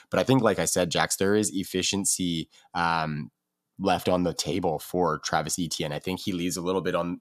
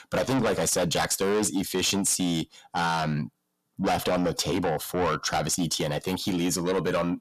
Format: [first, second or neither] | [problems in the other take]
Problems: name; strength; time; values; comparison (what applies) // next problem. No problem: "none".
first | distortion; heavy; 6 dB below the speech